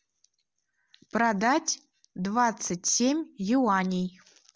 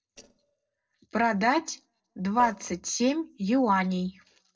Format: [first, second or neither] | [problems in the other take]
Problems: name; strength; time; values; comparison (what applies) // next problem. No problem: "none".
first | noise reduction (neural separator model SepFormer DNS4)